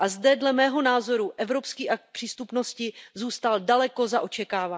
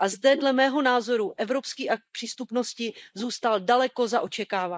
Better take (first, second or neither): first